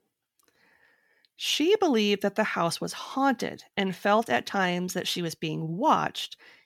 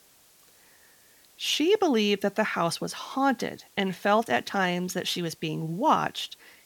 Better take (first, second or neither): first